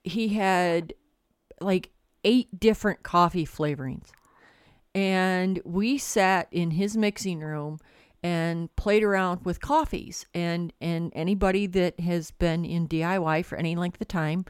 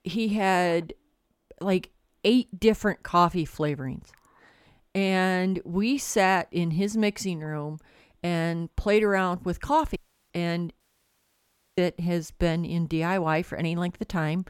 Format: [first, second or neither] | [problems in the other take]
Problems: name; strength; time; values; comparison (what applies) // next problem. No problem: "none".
first | audio cutting out; at 10 s and at 11 s for 1 s